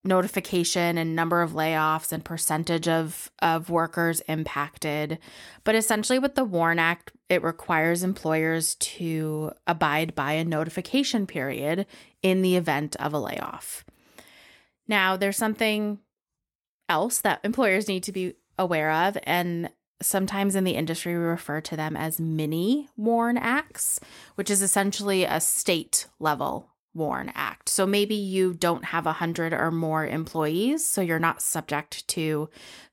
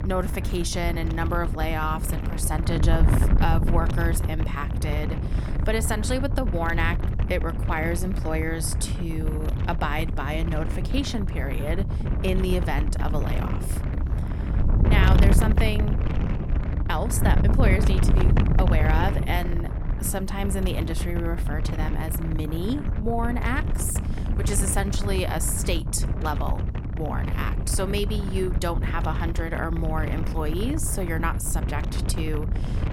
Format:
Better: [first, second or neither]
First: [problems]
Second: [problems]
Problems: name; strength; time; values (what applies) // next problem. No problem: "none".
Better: first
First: none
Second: wind noise on the microphone; heavy; 6 dB below the speech